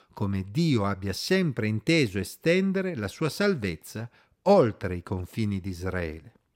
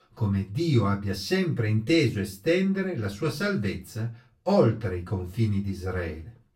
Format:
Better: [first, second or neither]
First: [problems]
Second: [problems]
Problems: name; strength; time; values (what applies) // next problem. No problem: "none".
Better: first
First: none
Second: off-mic speech; far // room echo; very slight; dies away in 0.2 s